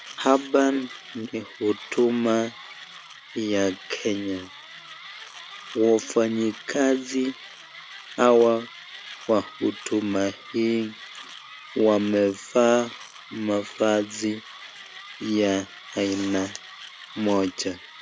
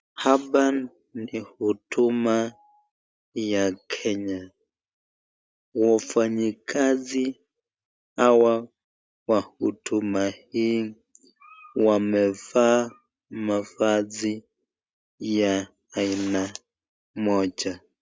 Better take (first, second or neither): second